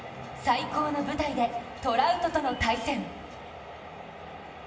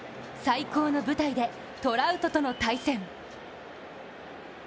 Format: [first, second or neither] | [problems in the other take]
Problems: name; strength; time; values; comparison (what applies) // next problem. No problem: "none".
second | room echo; dies away in 1 s